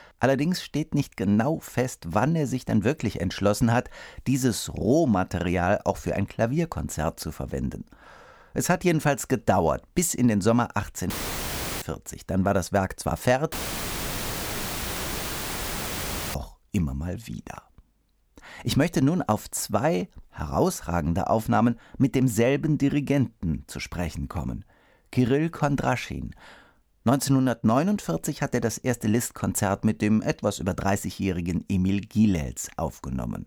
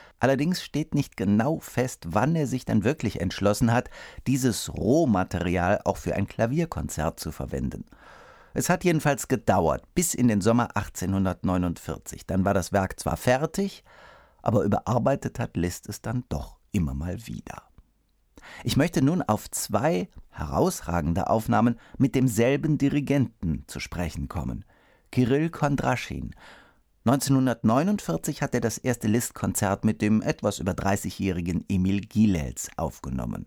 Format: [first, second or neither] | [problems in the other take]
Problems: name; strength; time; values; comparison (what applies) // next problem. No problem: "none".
second | audio cutting out; filled with static; at 11 s for 0.5 s and at 14 s for 3 s